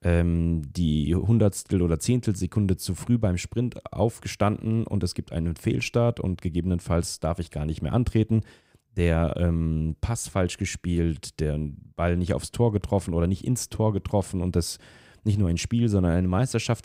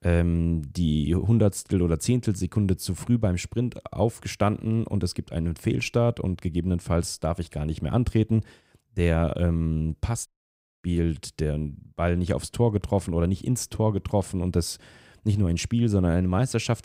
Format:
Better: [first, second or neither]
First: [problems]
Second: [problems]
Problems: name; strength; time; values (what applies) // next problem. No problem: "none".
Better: first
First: none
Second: audio cutting out; at 10 s for 0.5 s